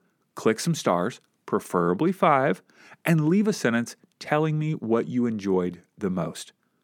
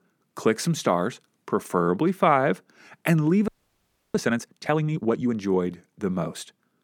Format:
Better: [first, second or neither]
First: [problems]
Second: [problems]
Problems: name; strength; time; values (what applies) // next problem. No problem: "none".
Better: first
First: none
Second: audio freezing; at 3.5 s for 0.5 s